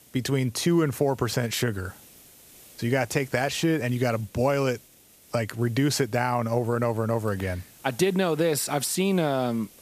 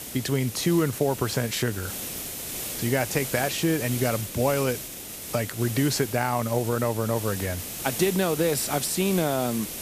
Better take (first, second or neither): first